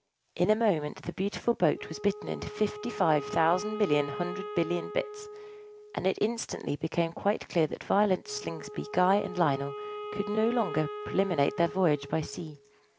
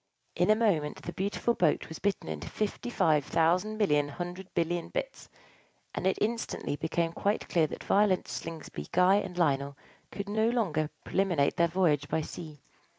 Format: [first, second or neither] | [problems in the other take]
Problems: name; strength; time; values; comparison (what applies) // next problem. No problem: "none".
second | background sound (Wind instrument, woodwind instrument); 12 dB below the speech